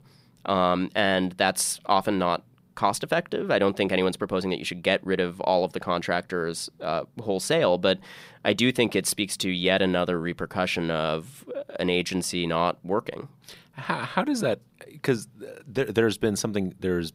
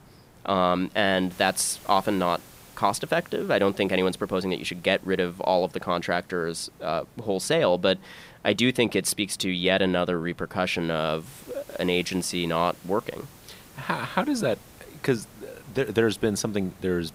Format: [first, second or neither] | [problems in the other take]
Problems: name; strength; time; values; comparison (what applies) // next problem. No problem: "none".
first | hiss; faint; throughout; 25 dB below the speech